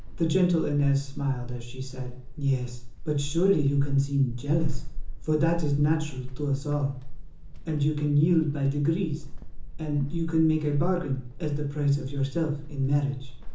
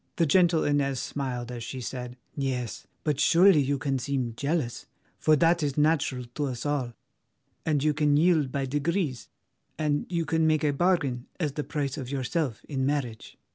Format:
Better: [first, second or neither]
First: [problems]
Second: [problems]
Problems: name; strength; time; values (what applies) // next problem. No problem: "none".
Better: second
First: background sound (Squeak / Walk, footsteps); 5 dB below the speech // room echo; dies away in 0.7 s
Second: none